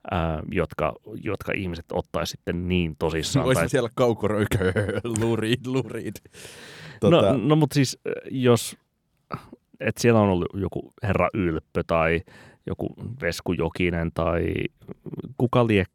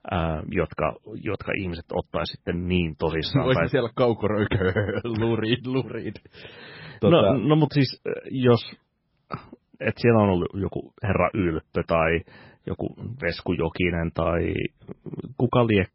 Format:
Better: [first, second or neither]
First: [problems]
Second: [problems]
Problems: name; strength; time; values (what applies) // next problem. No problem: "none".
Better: first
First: none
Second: garbled, watery; badly; nothing above 5.5 kHz